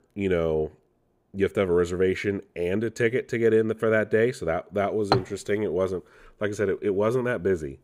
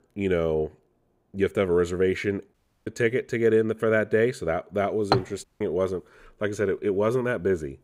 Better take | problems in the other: first | audio cutting out; at 2.5 s and at 5.5 s

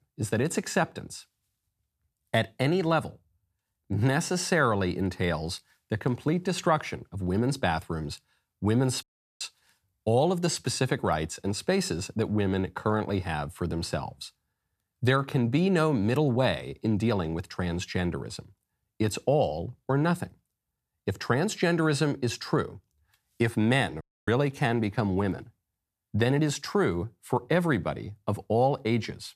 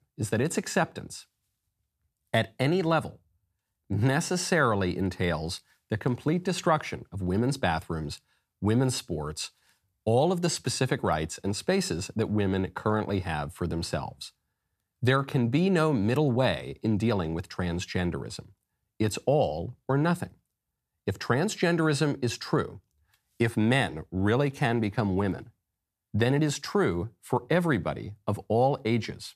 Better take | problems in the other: second | audio cutting out; at 9 s and at 24 s

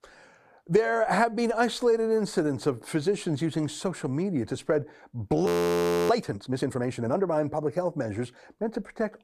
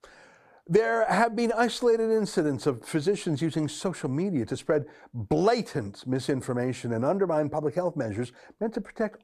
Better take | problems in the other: second | audio freezing; at 5.5 s for 0.5 s

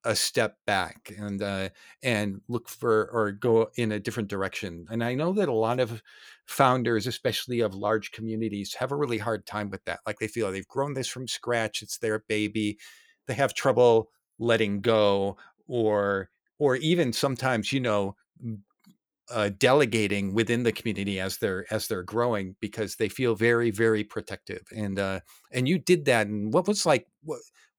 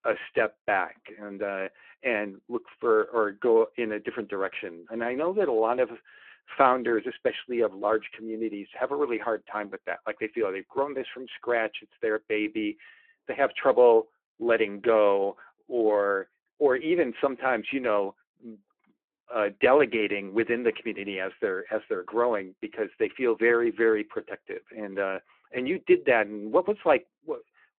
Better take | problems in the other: first | phone-call audio

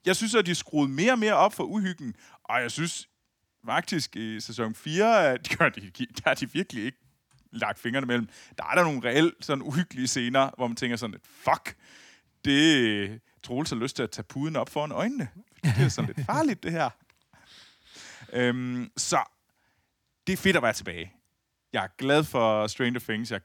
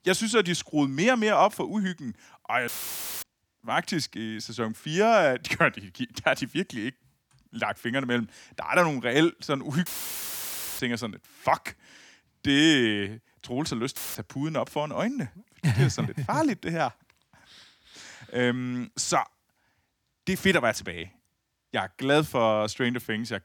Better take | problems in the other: first | audio cutting out; filled with static; at 2.5 s for 0.5 s, at 10 s for 1 s and at 14 s

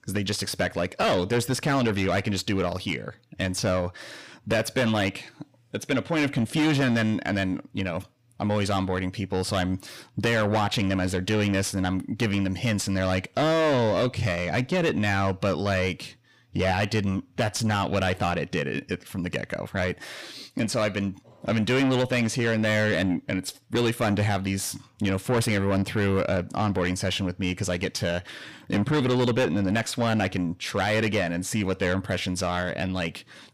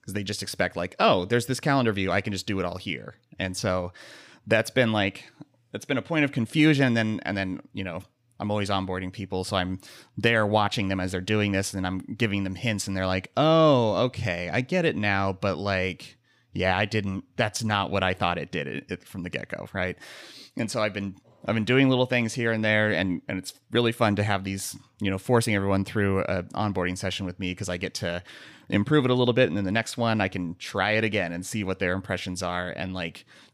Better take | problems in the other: second | distortion; heavy; 7 dB below the speech

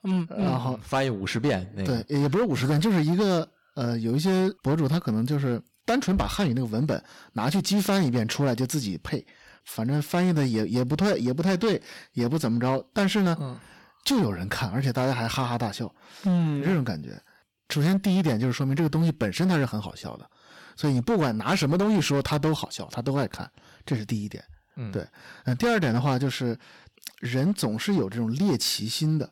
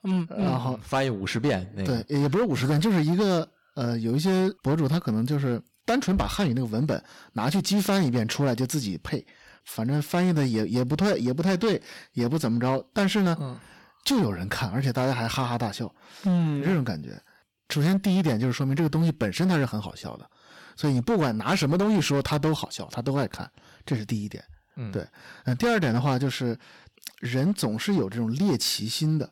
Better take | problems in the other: neither | distortion; slight; 11% of the sound clipped; the same in both

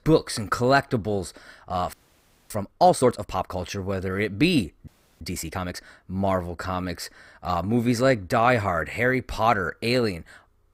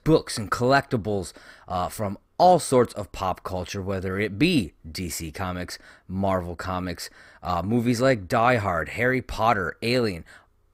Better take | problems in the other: second | audio freezing; at 2 s for 0.5 s and at 5 s

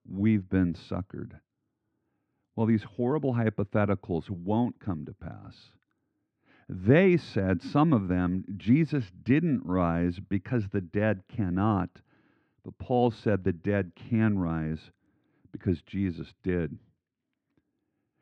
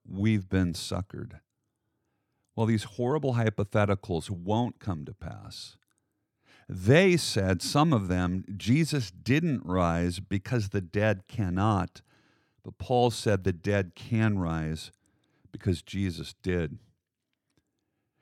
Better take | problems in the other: second | muffled; slightly; fading above 2 kHz

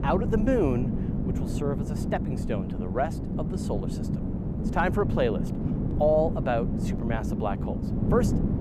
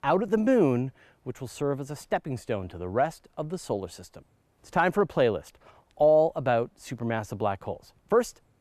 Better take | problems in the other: second | wind noise on the microphone; heavy; 8 dB below the speech

